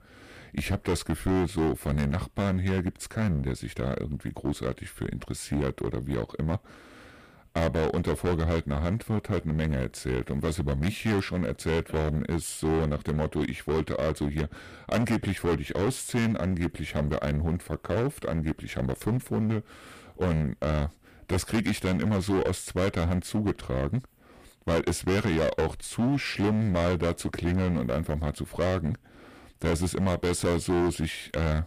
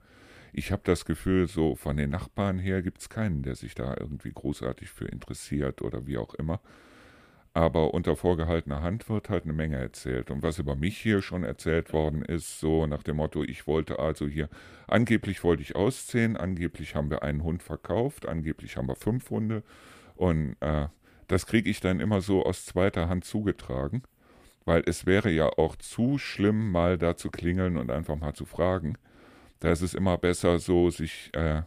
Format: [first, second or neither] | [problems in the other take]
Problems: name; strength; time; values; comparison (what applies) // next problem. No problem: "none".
second | distortion; heavy; 12% of the sound clipped